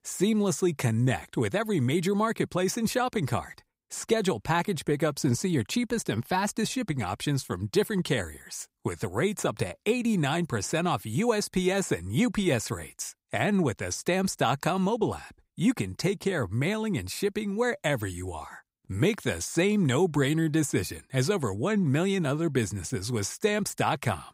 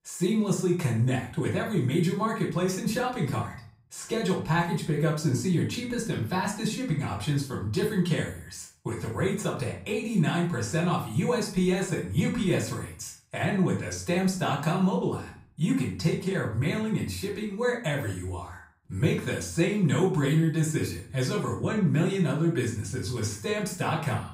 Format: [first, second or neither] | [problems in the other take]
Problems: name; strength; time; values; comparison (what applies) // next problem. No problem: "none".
first | off-mic speech; far // room echo; slight; dies away in 0.4 s